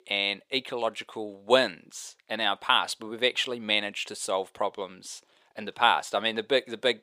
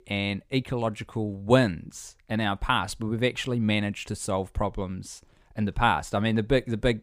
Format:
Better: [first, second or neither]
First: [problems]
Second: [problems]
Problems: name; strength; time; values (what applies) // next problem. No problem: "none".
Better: second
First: thin; somewhat; fading below 500 Hz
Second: none